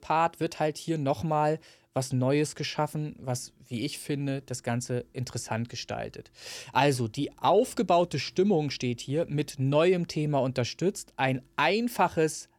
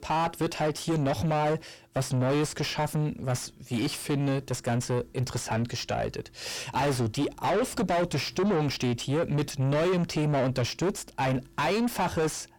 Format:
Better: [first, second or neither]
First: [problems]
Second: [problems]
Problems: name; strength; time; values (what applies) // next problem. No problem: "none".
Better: first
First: none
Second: distortion; heavy; 5 dB below the speech